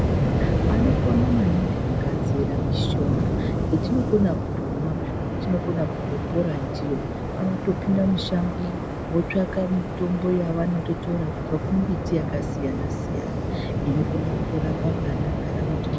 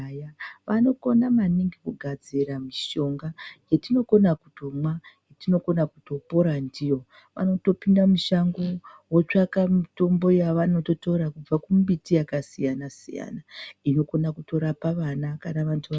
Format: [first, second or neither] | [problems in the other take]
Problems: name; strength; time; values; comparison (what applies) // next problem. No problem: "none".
second | background sound (Waves, surf); 2 dB above the speech